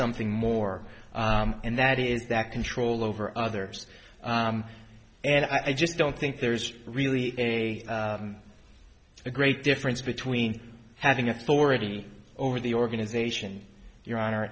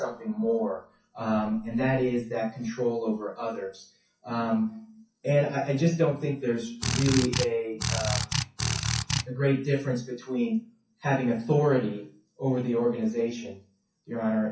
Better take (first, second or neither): first